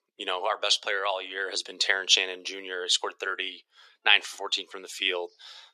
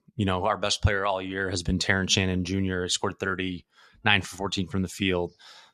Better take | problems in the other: second | thin; very; fading below 400 Hz

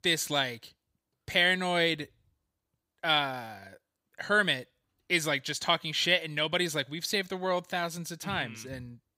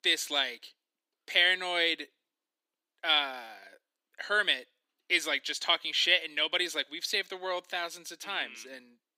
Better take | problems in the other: first | thin; somewhat; fading below 300 Hz

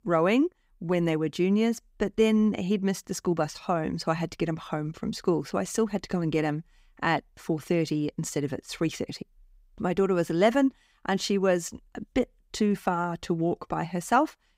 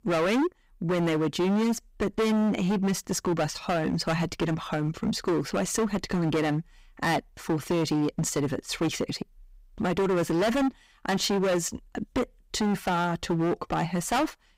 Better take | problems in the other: first | distortion; heavy; 19% of the sound clipped

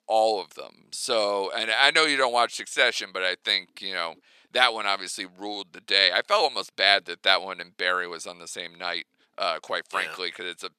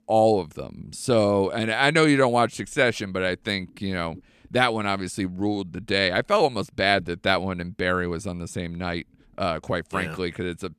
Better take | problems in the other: second | thin; very; fading below 650 Hz

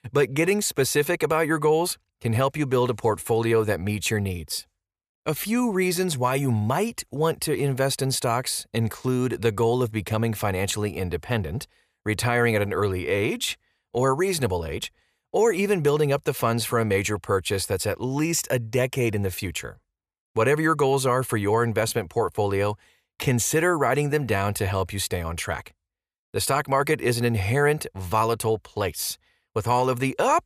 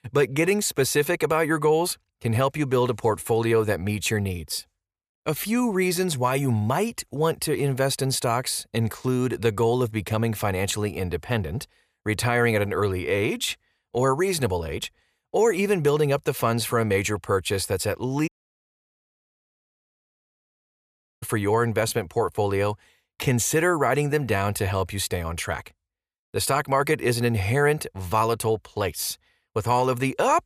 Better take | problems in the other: first | audio cutting out; at 18 s for 3 s

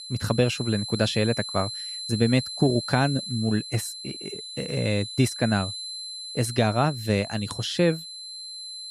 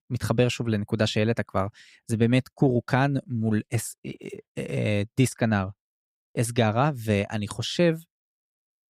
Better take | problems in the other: second | high-pitched whine; loud; throughout; 4 kHz, 8 dB below the speech

